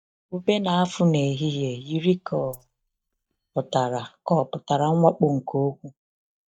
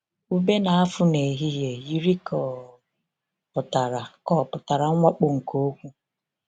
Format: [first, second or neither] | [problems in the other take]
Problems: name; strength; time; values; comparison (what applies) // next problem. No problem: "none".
second | noise reduction (neural mask model DeepFilterNet 3)